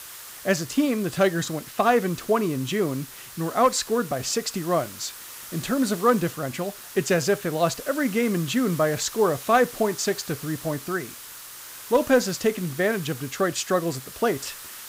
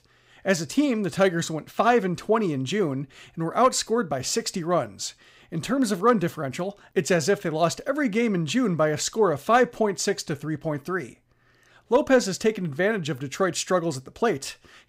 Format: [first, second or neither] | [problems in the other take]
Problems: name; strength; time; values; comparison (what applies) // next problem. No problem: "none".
second | hiss; noticeable; throughout; 15 dB below the speech